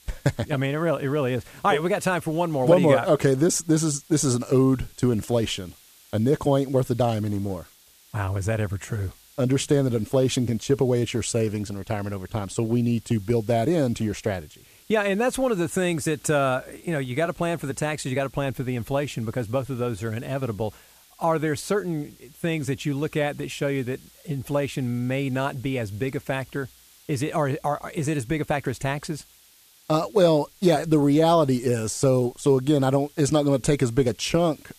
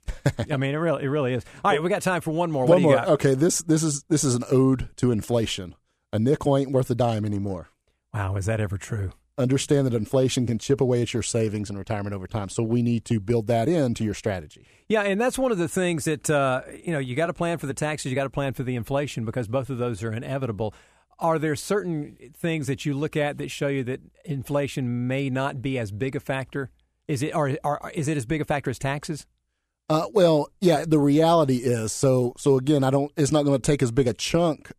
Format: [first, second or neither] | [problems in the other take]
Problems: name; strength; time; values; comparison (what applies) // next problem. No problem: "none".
second | hiss; faint; throughout; 25 dB below the speech